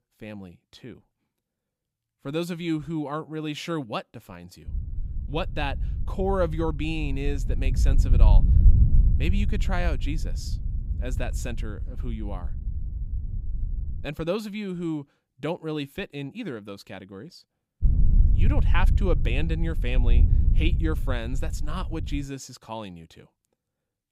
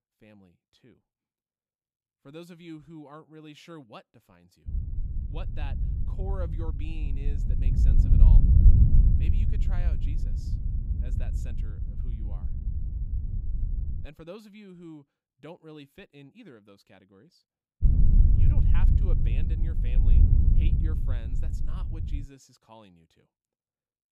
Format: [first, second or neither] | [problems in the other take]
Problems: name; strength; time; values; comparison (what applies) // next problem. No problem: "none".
first | wind noise on the microphone; heavy; from 4.5 to 14 s and from 18 to 22 s; 4 dB above the speech; occasional gusts in the first